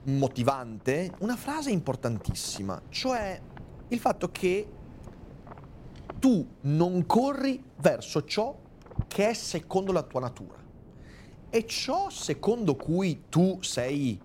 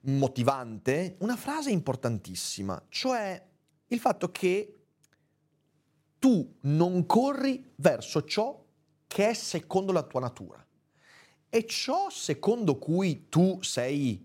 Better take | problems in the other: second | wind noise on the microphone; occasional gusts; 20 dB below the speech

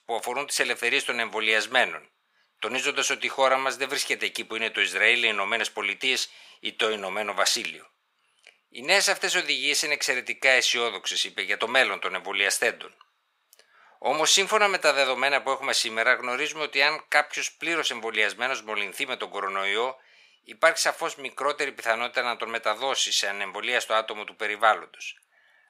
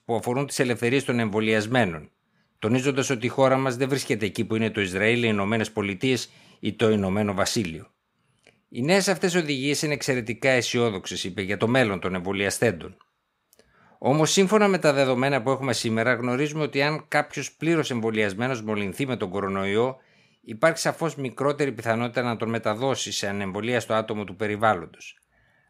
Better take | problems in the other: second | thin; very; fading below 700 Hz

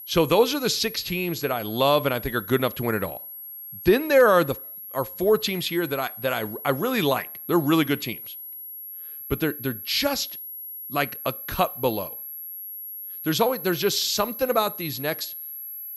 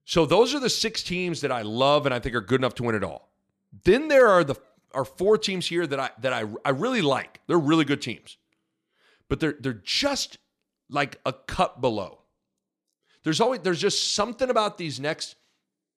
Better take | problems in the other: second | high-pitched whine; noticeable; throughout; 11.5 kHz, 10 dB below the speech

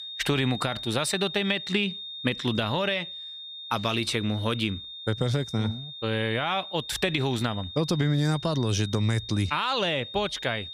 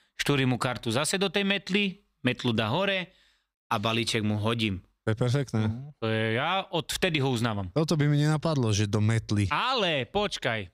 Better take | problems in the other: second | high-pitched whine; loud; throughout; 3.5 kHz, 10 dB below the speech

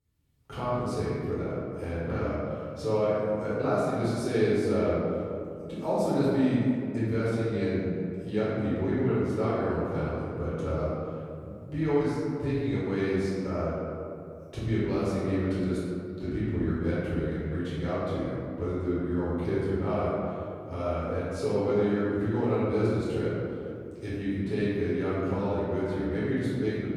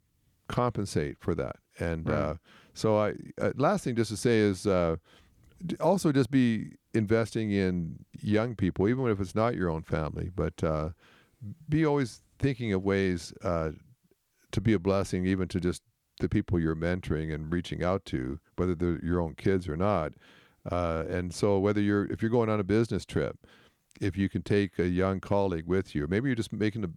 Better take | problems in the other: second | off-mic speech; far // room echo; strong; dies away in 2.3 s

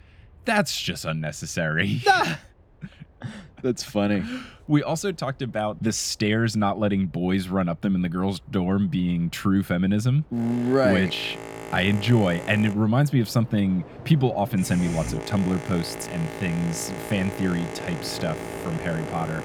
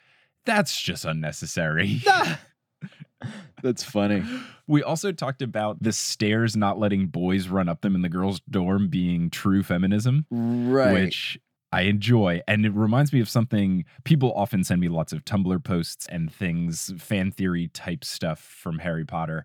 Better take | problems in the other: second | train or aircraft noise; noticeable; throughout; 10 dB below the speech

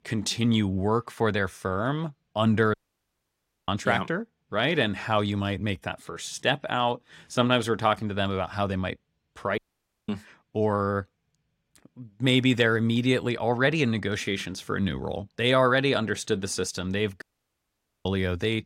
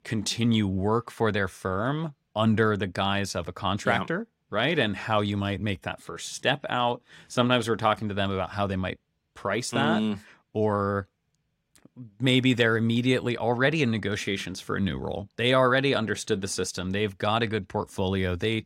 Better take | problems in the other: second | audio cutting out; at 2.5 s for 1 s, at 9.5 s for 0.5 s and at 17 s for 1 s

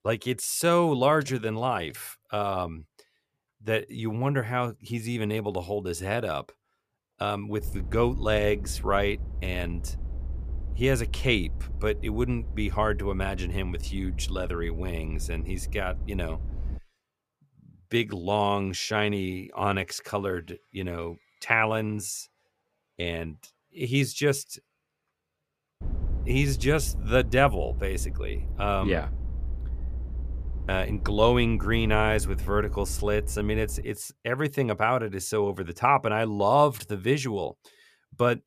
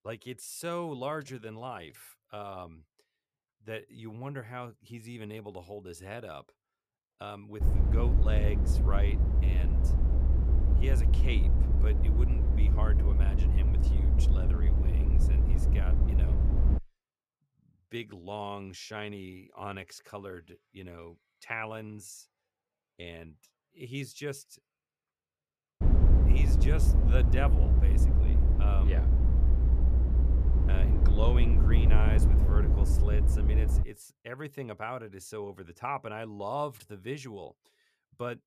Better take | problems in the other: first | low rumble; loud; from 7.5 to 17 s and from 26 to 34 s; 2 dB below the speech; faint in the first

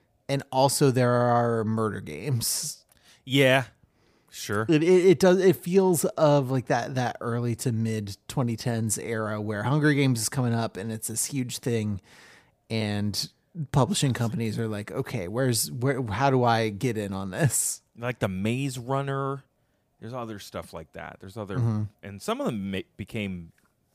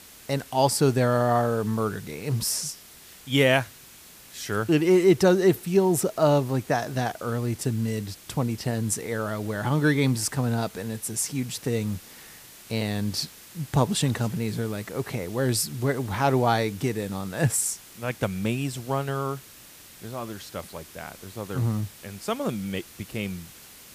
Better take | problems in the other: first | hiss; noticeable; throughout; 20 dB below the speech

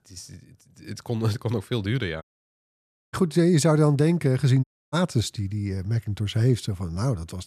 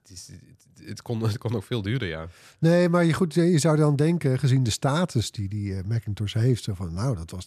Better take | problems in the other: second | audio cutting out; at 2 s for 1 s and at 4.5 s

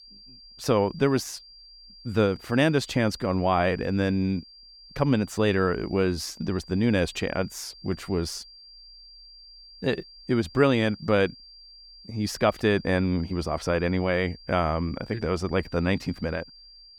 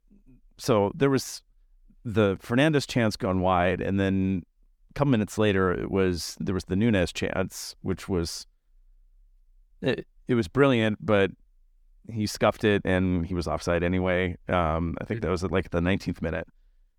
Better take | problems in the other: second | high-pitched whine; faint; throughout; 4.5 kHz, 20 dB below the speech

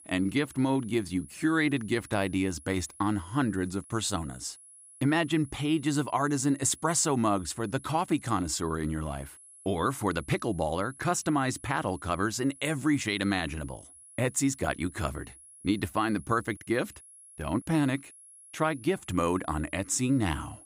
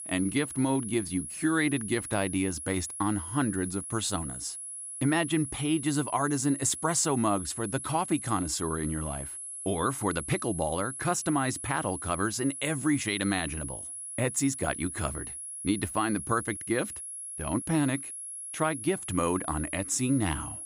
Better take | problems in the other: first | high-pitched whine; loud; throughout; 10.5 kHz, 7 dB below the speech; faint in the first

